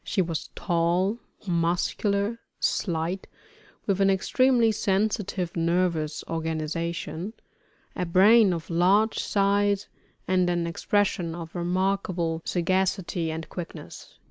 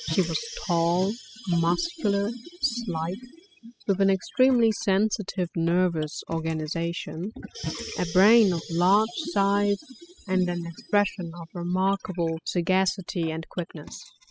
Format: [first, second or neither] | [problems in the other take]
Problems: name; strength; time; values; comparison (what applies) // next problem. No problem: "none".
first | noise reduction (classical method spectral subtraction)